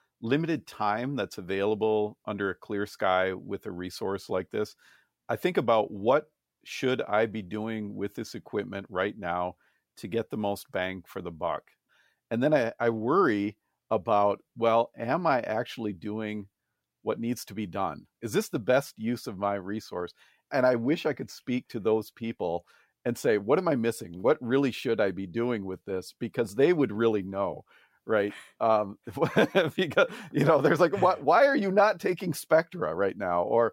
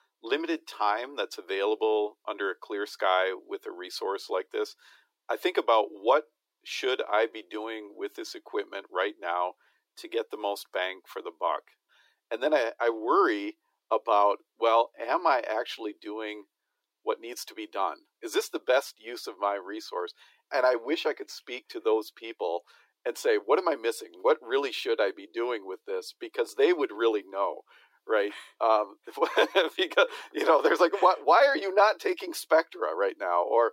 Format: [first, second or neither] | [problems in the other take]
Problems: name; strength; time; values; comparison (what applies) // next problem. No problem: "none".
first | thin; very; fading below 300 Hz